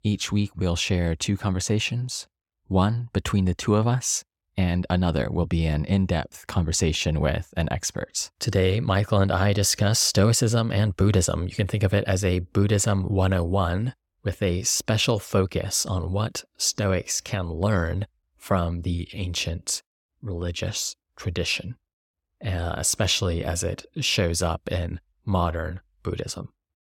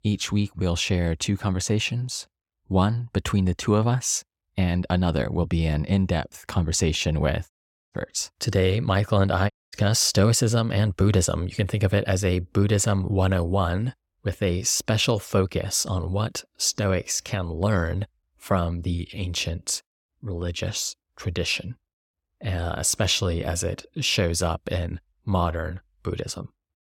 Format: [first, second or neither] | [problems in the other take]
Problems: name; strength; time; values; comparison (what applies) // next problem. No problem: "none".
first | audio cutting out; at 7.5 s and at 9.5 s